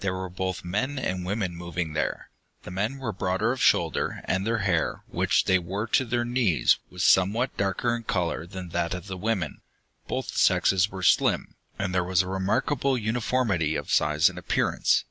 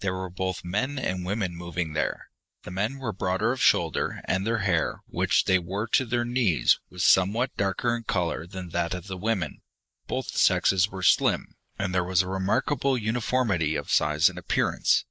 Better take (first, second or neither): first